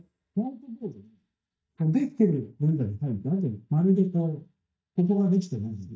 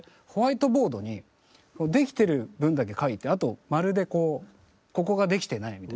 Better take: second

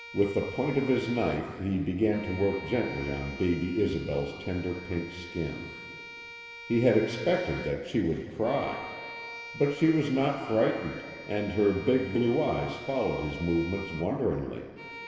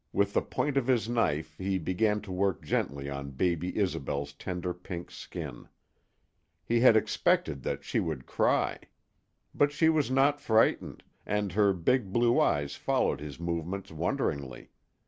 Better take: second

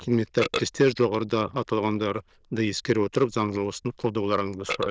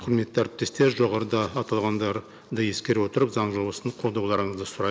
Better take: second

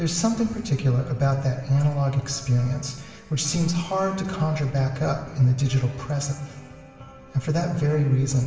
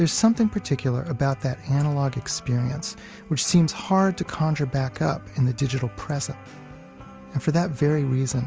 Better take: second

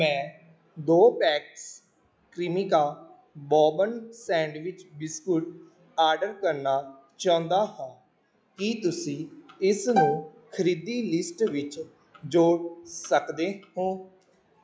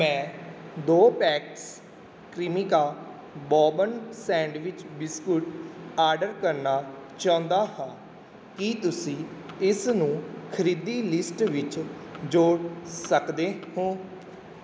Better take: second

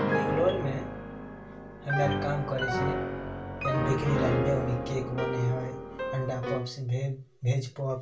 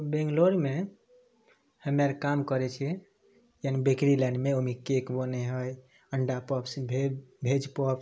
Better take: second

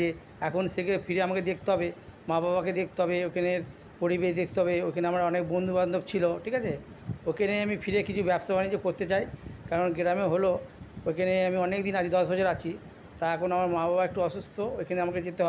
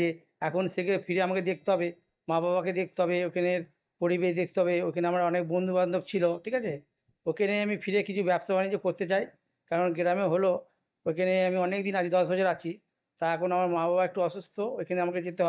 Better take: first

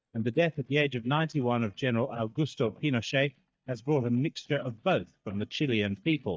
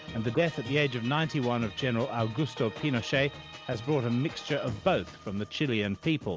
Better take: second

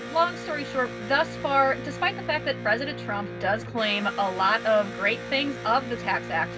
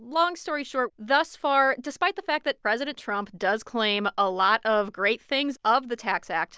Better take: second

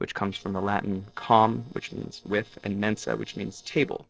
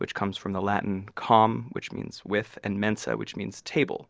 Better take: second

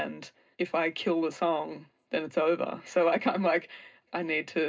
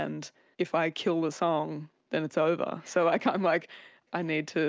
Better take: second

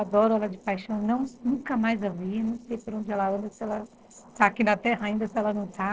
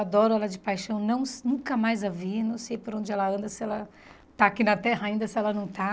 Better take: second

